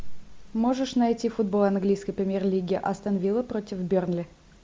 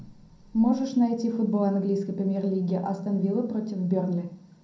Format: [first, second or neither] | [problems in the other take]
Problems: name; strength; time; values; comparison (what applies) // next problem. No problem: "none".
first | room echo; dies away in 0.6 s